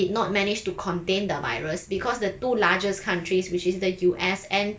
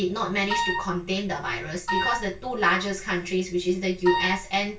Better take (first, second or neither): first